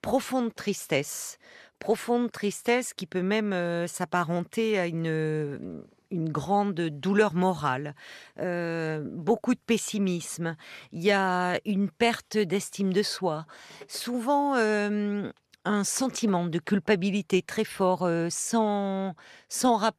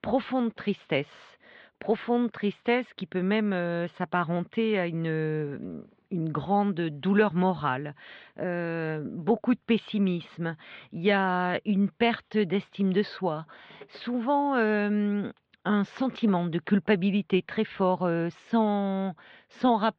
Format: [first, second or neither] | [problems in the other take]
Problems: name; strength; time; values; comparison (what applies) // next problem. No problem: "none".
first | muffled; very; fading above 3.5 kHz